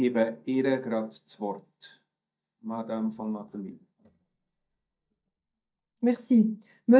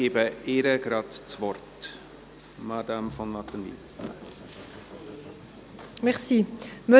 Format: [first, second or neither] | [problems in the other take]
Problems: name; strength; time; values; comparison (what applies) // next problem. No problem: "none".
second | noise reduction (neural mask model DeepFilterNet 3)